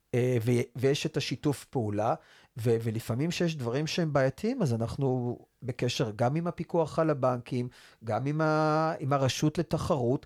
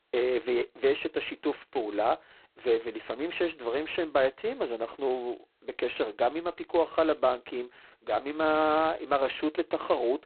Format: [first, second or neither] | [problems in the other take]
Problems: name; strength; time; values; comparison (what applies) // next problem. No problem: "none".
first | phone-call audio; poor line; nothing above 4 kHz